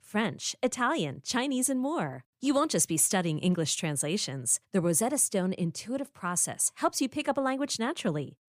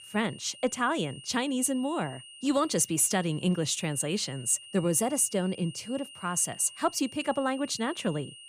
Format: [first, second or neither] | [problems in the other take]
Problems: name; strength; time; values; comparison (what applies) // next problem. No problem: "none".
first | high-pitched whine; noticeable; throughout; 3 kHz, 15 dB below the speech